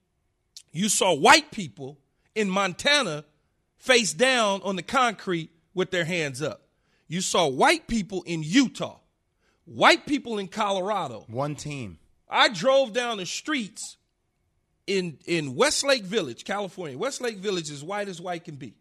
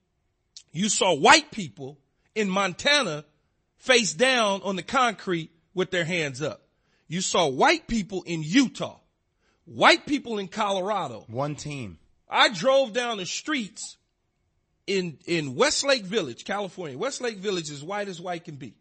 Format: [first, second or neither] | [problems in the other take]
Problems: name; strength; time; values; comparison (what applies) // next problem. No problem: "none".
first | garbled, watery; slightly; nothing above 8 kHz